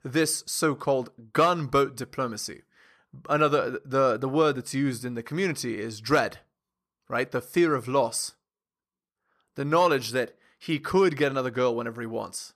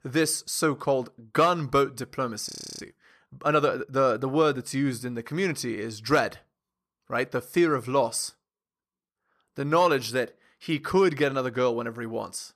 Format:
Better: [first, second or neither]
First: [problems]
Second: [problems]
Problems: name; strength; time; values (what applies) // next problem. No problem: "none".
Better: first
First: none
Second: audio freezing; at 2.5 s